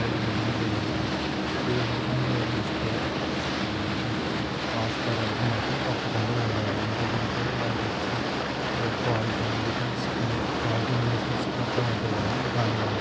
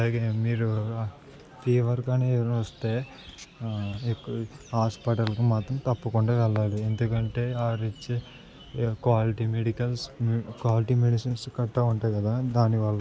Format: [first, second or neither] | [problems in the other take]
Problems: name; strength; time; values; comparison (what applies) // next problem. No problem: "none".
second | background sound (Boat, Water vehicle); 3 dB above the speech